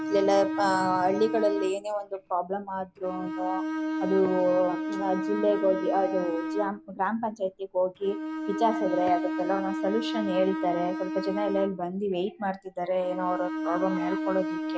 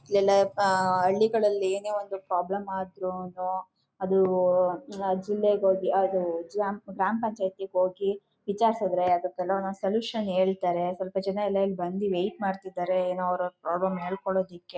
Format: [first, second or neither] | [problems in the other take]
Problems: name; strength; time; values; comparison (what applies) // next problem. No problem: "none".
second | background sound (Bowed string instrument); 4 dB below the speech